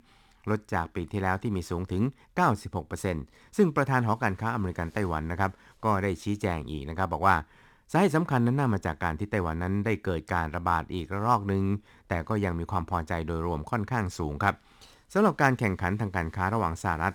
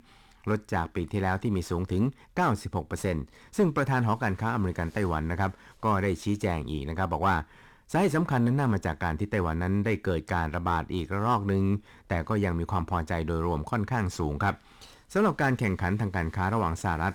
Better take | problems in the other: first | distortion; slight; 10 dB below the speech

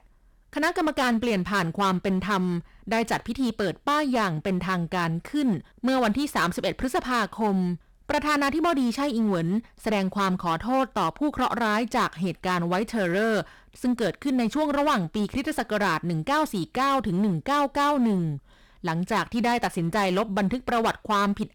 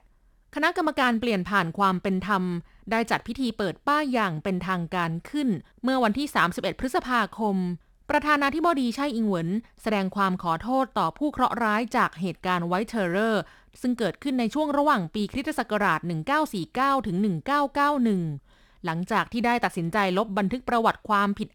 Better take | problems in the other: second | distortion; slight; 10% of the sound clipped

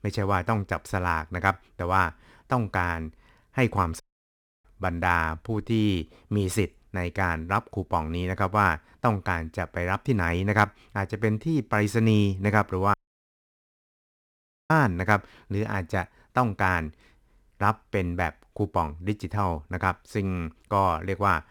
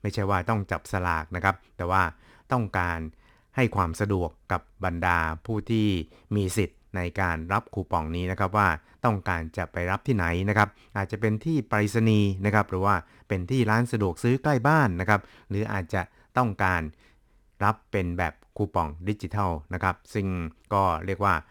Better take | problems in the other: second | audio cutting out; at 4 s for 0.5 s and at 13 s for 2 s

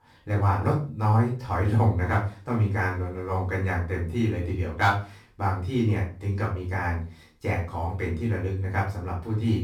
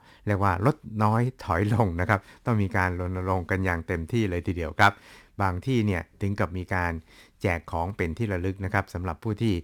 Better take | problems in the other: second | room echo; slight; dies away in 0.3 s // off-mic speech; far

